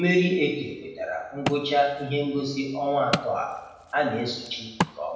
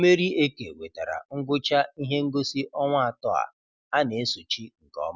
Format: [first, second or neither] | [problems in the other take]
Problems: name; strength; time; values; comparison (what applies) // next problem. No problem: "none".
second | background sound (Wood); 10 dB below the speech // room echo; dies away in 0.9 s